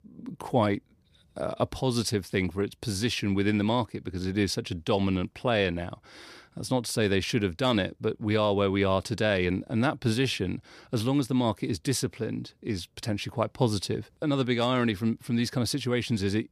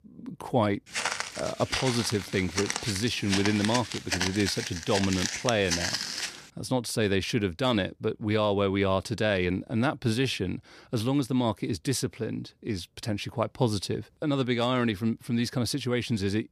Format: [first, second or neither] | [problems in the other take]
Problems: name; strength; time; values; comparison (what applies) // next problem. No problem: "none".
first | footsteps; loud; from 1 to 6.5 s; peak 1 dB above the speech